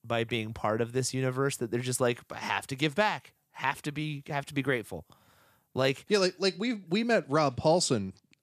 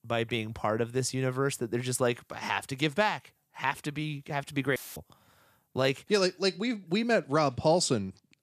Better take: first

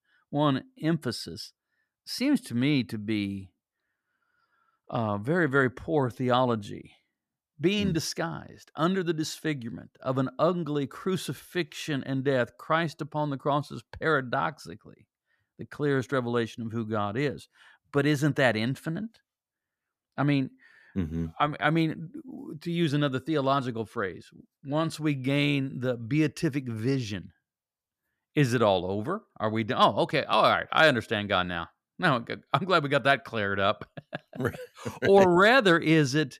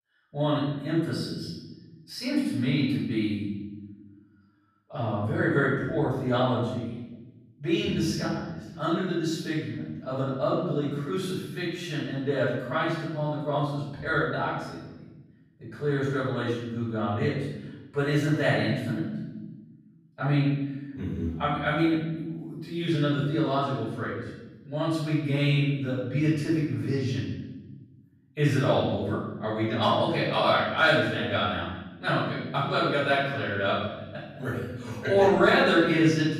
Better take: first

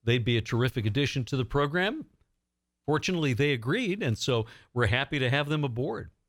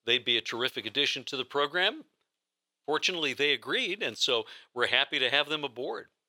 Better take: first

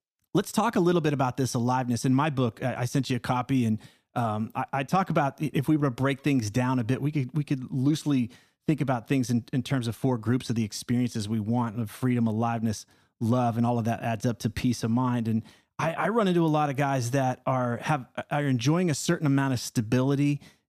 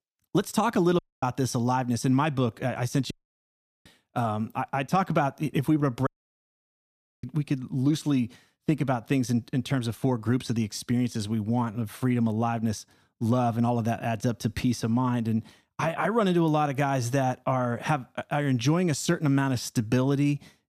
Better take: first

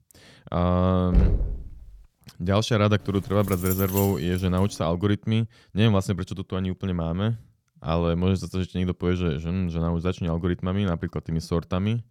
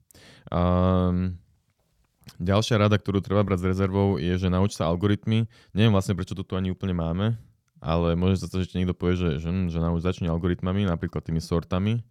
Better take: second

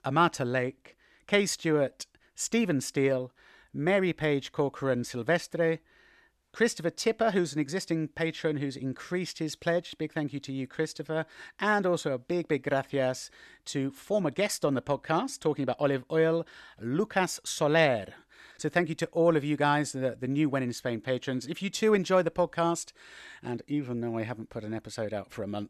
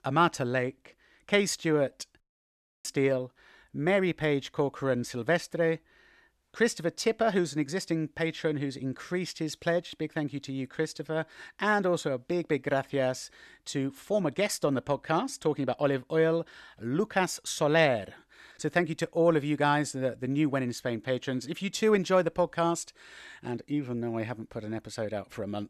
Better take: first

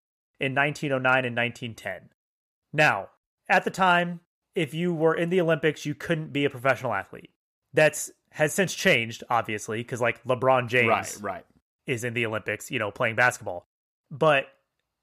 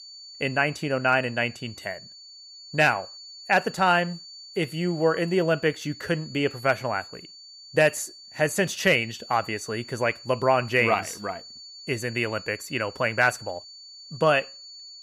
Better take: first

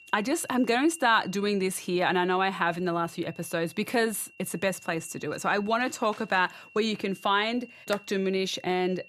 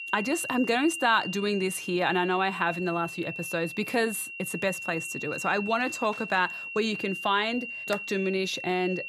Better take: first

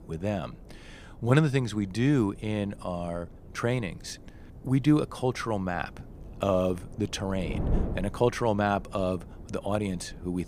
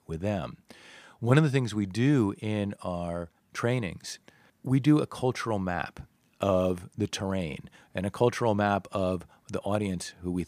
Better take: second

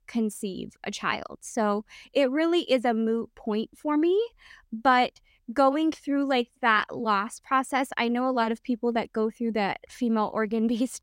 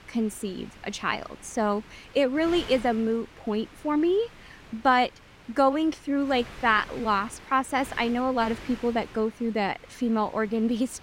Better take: first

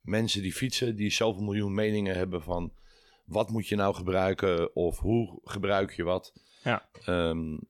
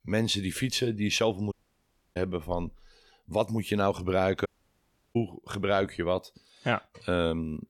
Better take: first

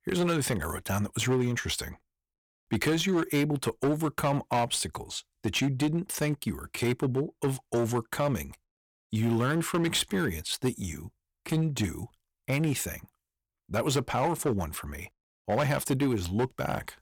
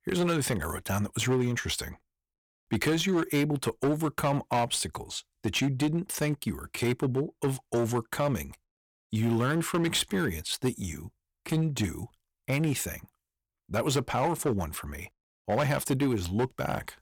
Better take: neither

